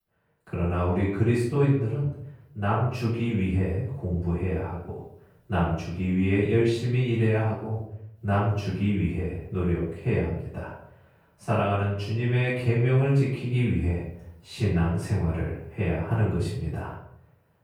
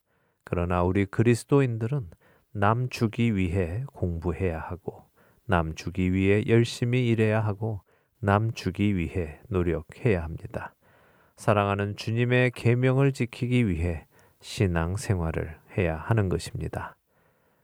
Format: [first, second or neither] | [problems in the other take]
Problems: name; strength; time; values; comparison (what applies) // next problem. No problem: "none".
second | room echo; noticeable; dies away in 0.6 s // off-mic speech; far